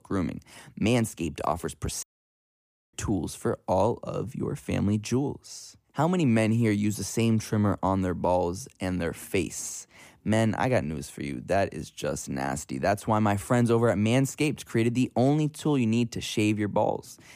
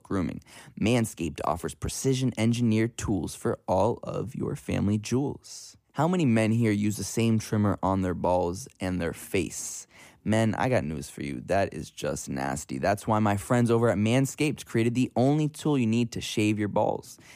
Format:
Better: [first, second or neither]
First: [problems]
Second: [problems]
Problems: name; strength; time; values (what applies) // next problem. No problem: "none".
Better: second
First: audio cutting out; at 2 s for 1 s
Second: none